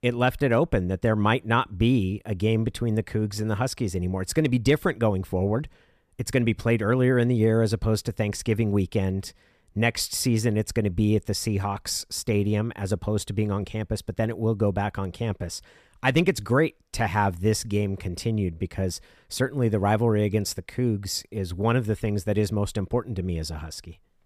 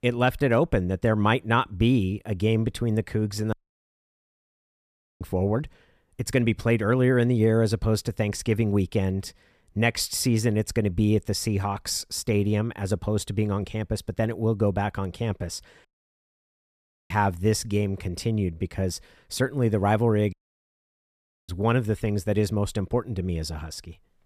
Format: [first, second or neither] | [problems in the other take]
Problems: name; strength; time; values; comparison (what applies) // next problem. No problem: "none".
first | audio cutting out; at 3.5 s for 1.5 s, at 16 s for 1.5 s and at 20 s for 1 s